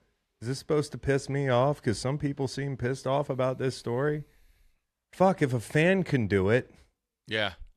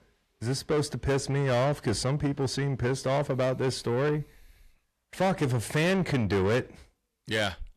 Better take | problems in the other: first | distortion; heavy; 8 dB below the speech

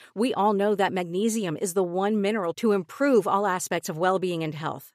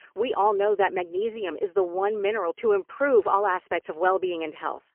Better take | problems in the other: first | phone-call audio; poor line; nothing above 3 kHz

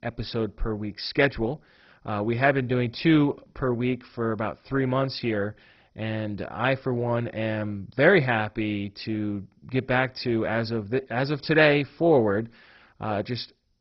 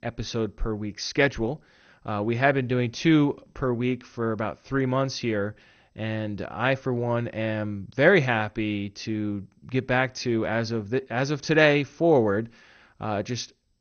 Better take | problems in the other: second | garbled, watery; badly; nothing above 5.5 kHz; slightly in the second

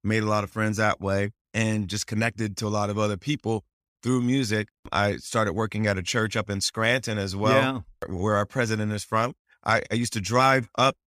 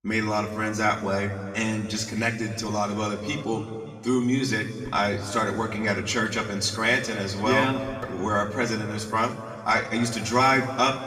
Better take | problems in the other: first | room echo; slight; dies away in 2.1 s // off-mic speech; far

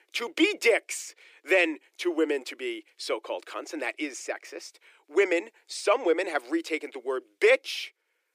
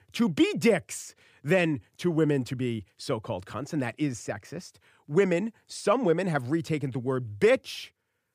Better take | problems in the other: second | thin; very; fading below 300 Hz

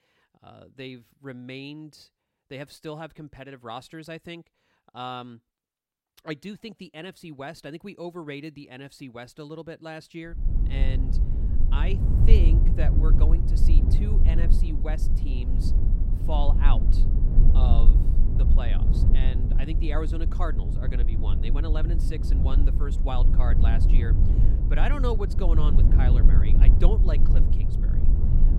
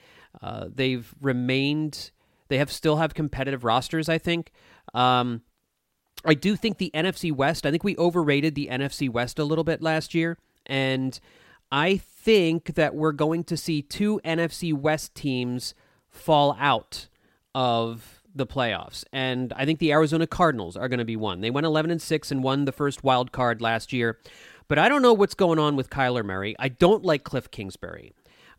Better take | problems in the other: second | low rumble; loud; from 10 s on; 3 dB below the speech

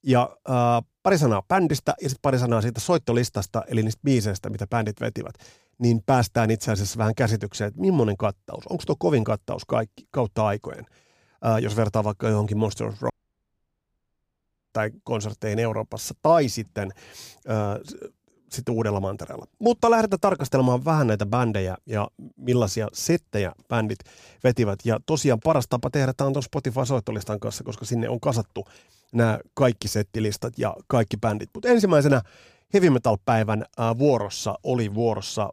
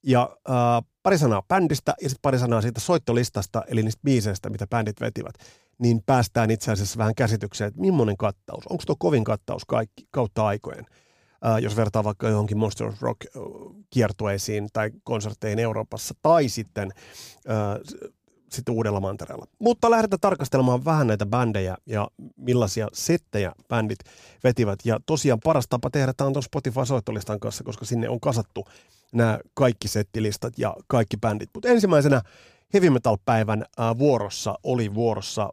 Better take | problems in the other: second | audio cutting out; at 13 s for 1.5 s

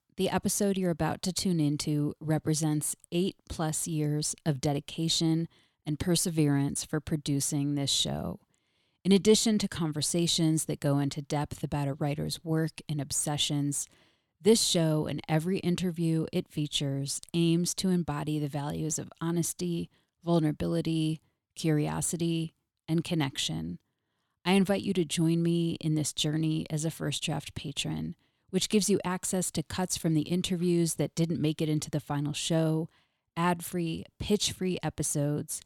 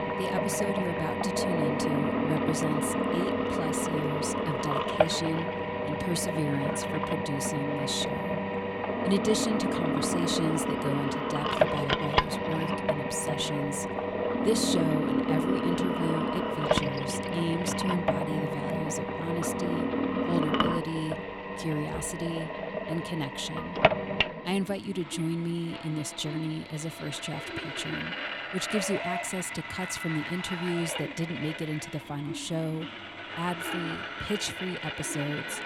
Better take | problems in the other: first | machinery noise; very loud; throughout; 3 dB above the speech

